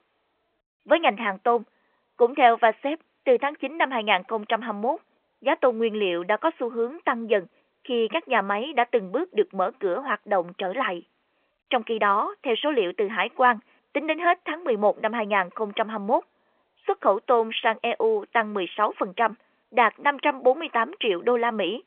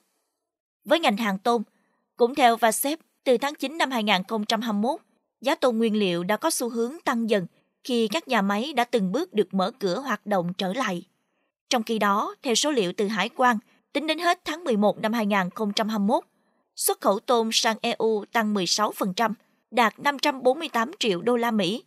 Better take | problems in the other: second | phone-call audio; nothing above 3.5 kHz

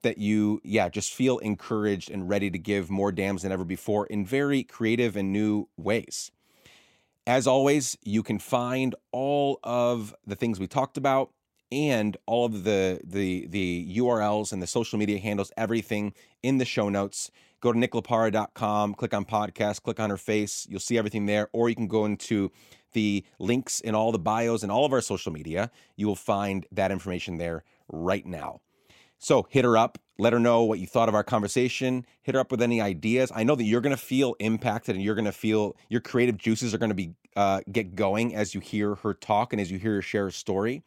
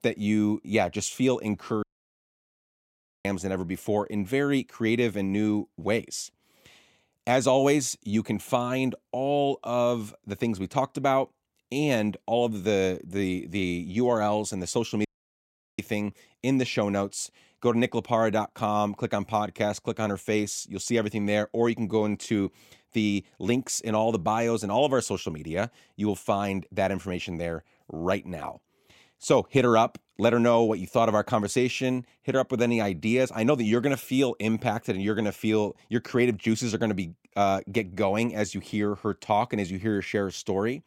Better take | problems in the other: first | audio cutting out; at 2 s for 1.5 s and at 15 s for 0.5 s

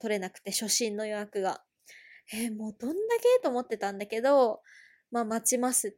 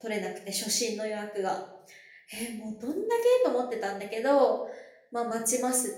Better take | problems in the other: first | room echo; slight; dies away in 0.5 s // off-mic speech; somewhat distant

